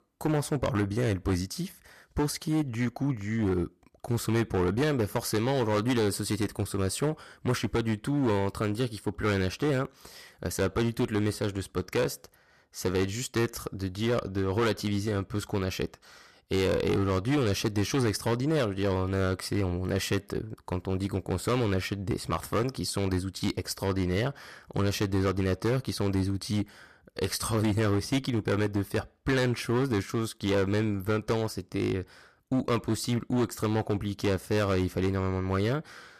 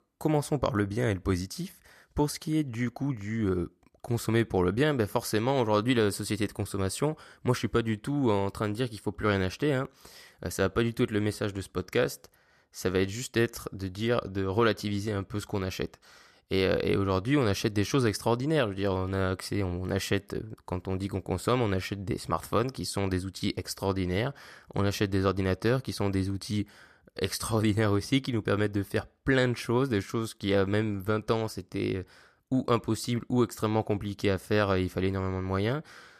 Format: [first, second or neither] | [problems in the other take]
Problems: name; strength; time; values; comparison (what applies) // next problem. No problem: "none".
second | distortion; slight; 10% of the sound clipped